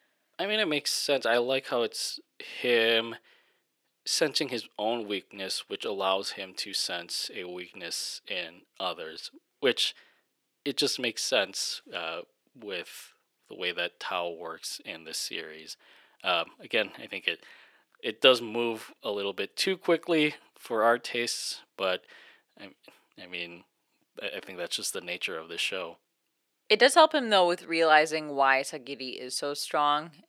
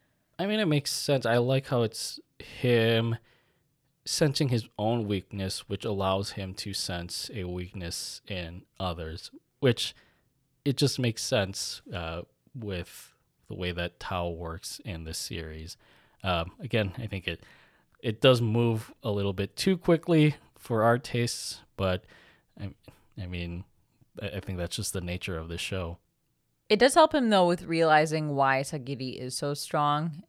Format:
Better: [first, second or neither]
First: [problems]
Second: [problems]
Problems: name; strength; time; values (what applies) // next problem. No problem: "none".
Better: second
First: thin; somewhat; fading below 300 Hz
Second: none